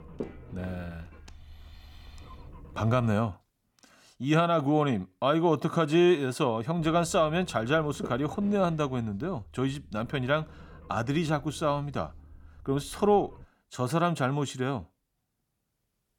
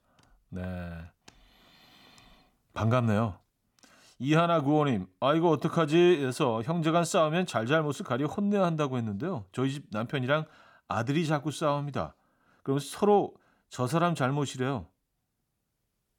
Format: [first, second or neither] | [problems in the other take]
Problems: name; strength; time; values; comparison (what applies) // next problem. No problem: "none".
second | low rumble; faint; until 3 s and from 7 to 13 s; 25 dB below the speech